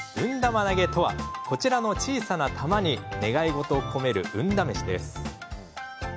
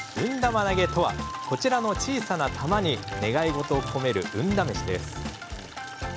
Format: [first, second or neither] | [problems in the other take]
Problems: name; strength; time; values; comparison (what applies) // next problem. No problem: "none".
first | background sound (Water tap, faucet / Liquid); 17 dB below the speech